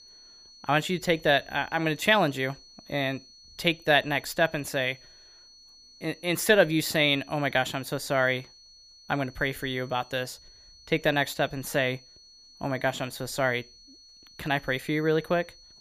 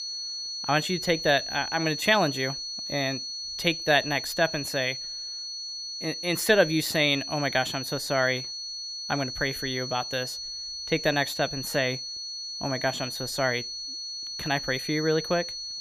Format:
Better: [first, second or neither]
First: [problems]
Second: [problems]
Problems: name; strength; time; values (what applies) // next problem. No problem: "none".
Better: first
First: high-pitched whine; faint; throughout; 4.5 kHz, 25 dB below the speech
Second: high-pitched whine; loud; throughout; 4.5 kHz, 6 dB below the speech